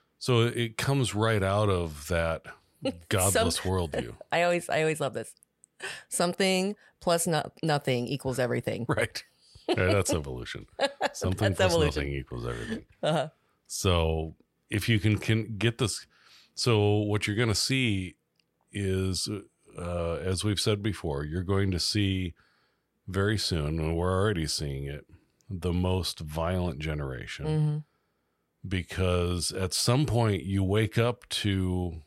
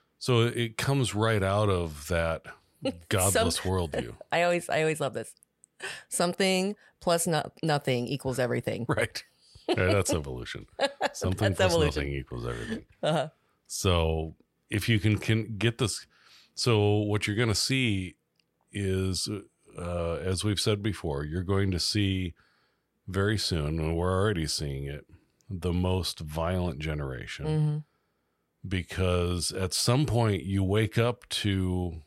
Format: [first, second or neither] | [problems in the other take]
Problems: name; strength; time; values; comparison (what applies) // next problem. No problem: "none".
neither | none